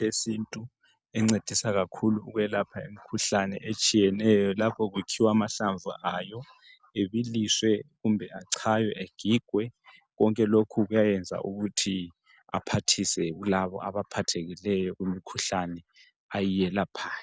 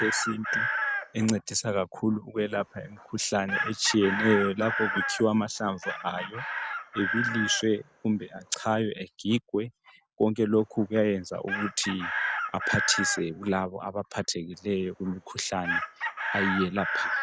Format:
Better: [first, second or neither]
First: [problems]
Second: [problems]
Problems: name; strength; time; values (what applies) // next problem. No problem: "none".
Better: first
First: none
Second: background sound (Chicken, rooster); 5 dB below the speech